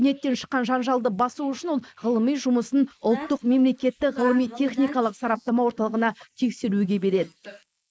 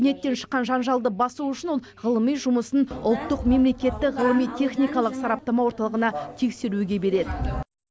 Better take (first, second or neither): second